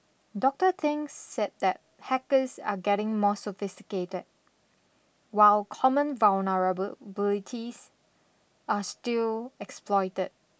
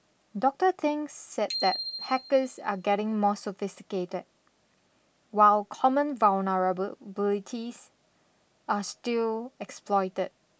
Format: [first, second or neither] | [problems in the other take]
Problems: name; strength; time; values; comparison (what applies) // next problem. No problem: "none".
first | background sound (Bicycle bell); 11 dB below the speech